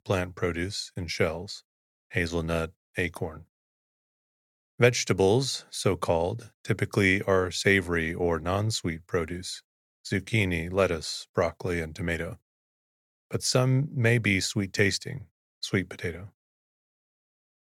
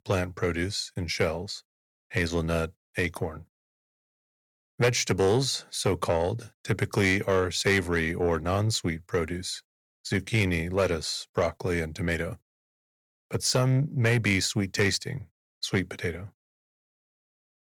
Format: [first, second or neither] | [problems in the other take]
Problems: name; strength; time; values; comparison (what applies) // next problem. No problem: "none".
first | distortion; slight; 10 dB below the speech